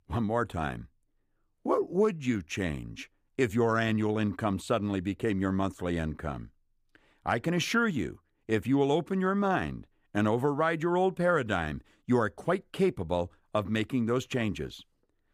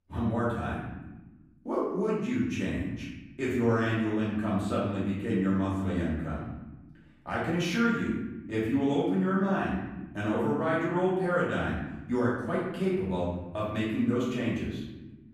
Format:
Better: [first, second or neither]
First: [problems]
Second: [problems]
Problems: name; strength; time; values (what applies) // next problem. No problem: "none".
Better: first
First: none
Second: off-mic speech; far // room echo; noticeable; dies away in 1.1 s